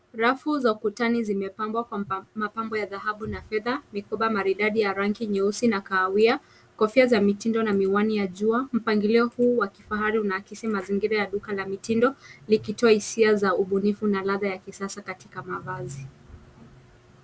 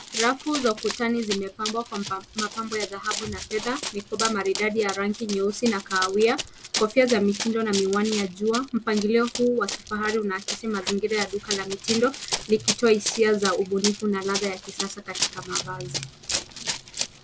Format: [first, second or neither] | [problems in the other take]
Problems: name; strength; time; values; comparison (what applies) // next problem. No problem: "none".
first | background sound (Run); 8 dB below the speech